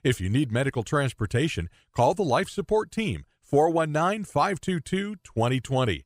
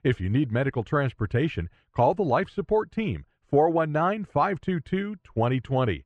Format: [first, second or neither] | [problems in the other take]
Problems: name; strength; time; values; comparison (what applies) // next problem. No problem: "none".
first | muffled; very; fading above 2 kHz